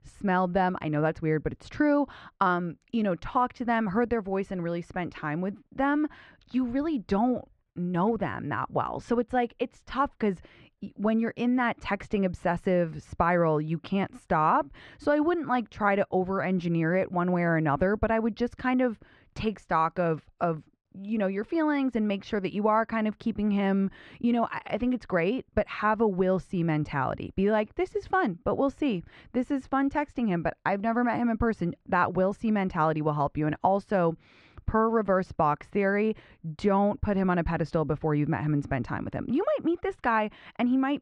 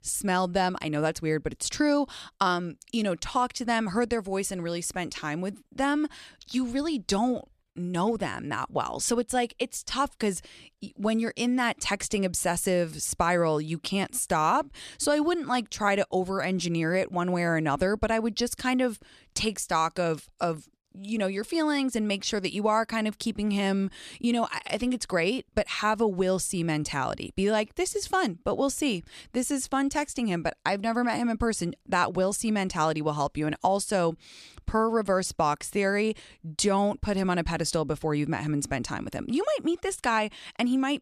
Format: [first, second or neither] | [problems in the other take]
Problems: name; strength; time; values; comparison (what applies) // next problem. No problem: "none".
second | muffled; very; fading above 1.5 kHz